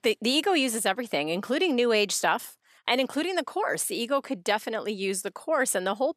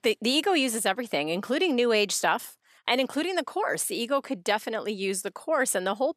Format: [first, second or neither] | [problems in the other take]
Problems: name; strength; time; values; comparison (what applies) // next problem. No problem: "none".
neither | none